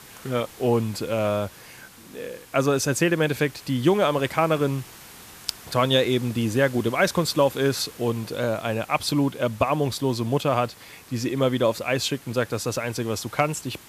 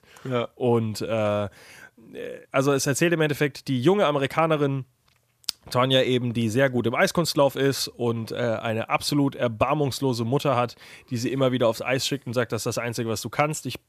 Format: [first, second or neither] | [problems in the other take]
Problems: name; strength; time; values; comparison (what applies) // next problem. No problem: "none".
second | hiss; faint; throughout; 20 dB below the speech